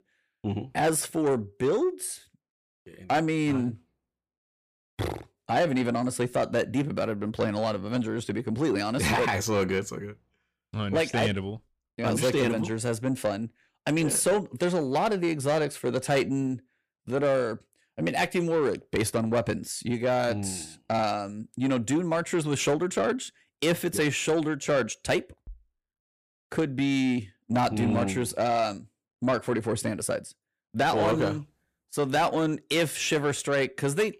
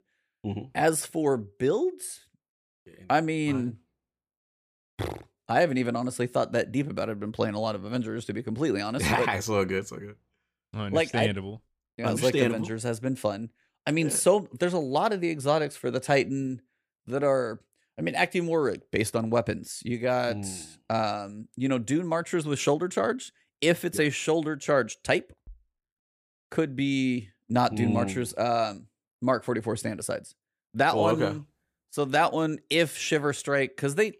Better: second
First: distortion; slight; 10 dB below the speech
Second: none

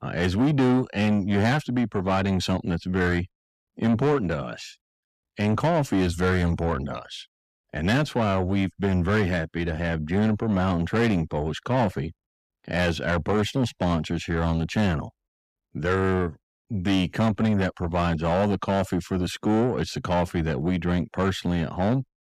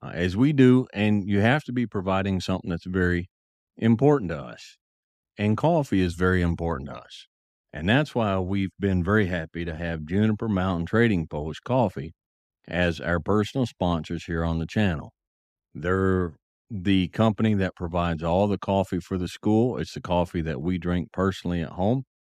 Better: second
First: distortion; heavy; 8 dB below the speech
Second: none

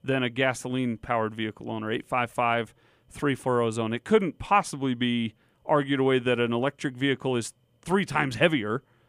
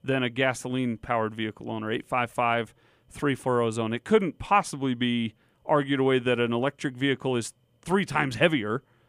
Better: neither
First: none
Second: none

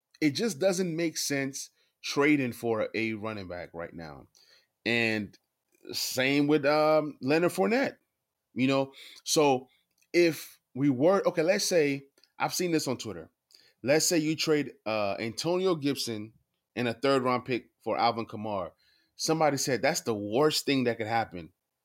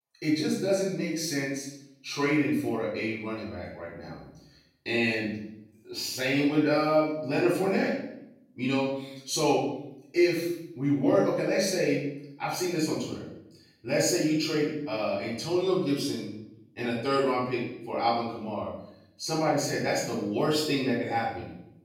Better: first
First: none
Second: off-mic speech; far // room echo; noticeable; dies away in 0.7 s

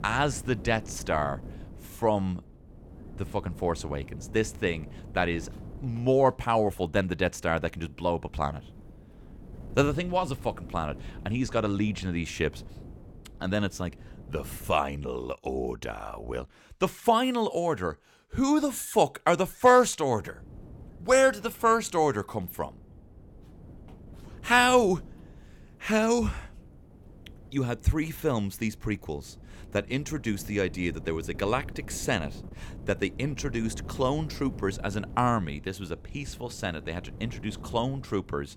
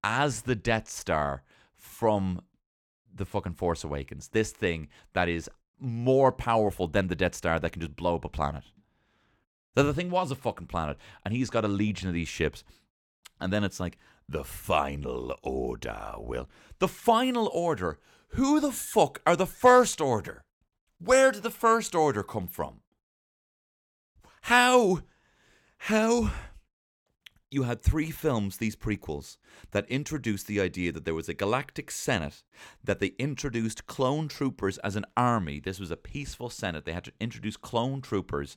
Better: second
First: wind noise on the microphone; occasional gusts; until 15 s and from 20 s on; 25 dB below the speech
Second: none

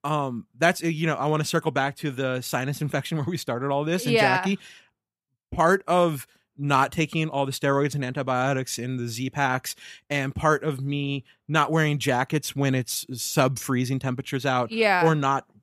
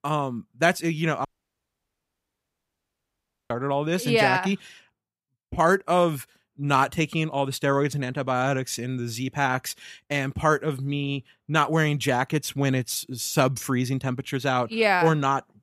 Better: first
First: none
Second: audio cutting out; at 1.5 s for 2.5 s

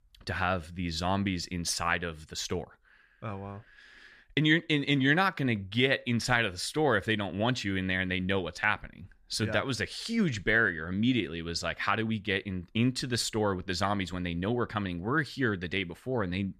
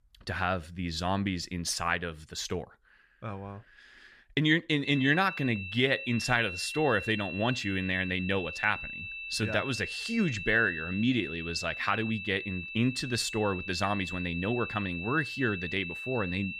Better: first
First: none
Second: high-pitched whine; loud; from 5 s on; 2.5 kHz, 7 dB below the speech

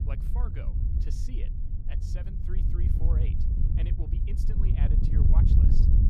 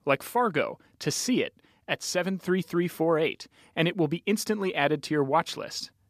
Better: second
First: wind noise on the microphone; heavy; 5 dB above the speech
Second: none

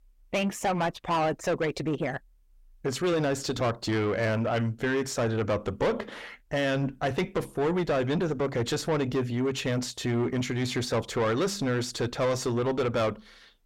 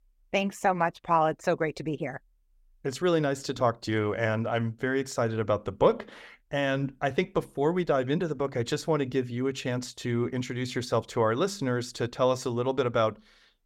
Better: second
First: distortion; heavy; 7 dB below the speech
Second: none

